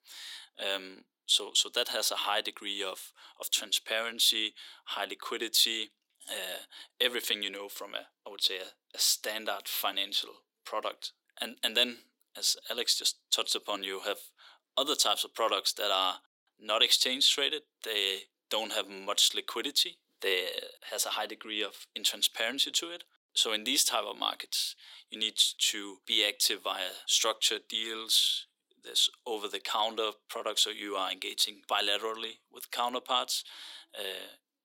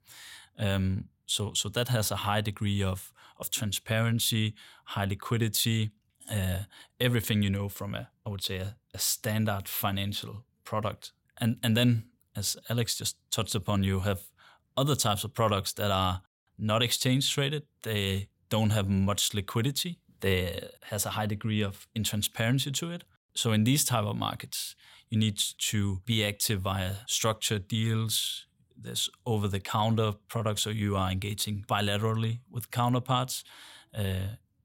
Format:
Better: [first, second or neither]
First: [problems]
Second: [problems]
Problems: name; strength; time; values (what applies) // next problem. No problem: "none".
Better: second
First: thin; very; fading below 300 Hz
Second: none